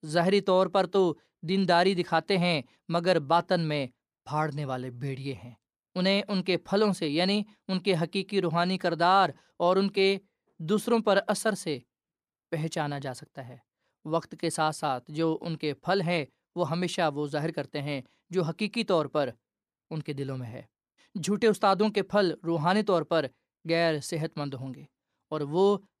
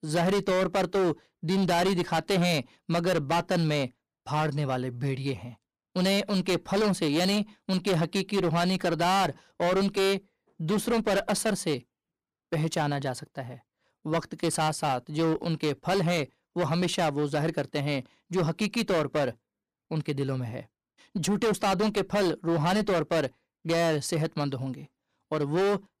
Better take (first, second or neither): first